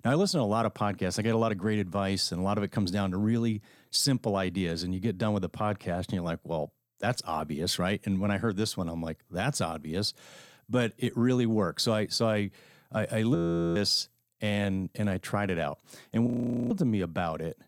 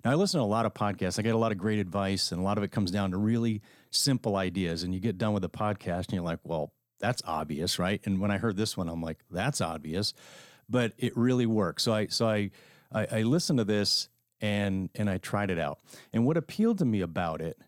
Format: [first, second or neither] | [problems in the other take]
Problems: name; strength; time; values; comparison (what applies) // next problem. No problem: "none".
second | audio freezing; at 13 s and at 16 s